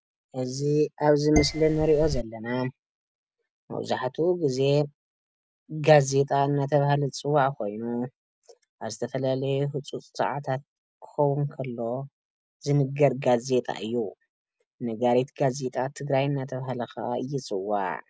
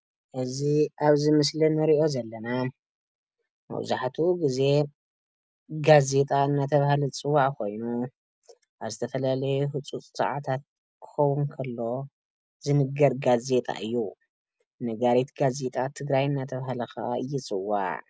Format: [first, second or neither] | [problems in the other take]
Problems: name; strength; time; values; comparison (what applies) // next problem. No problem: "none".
second | background sound (Dishes, pots, and pans); 3 dB below the speech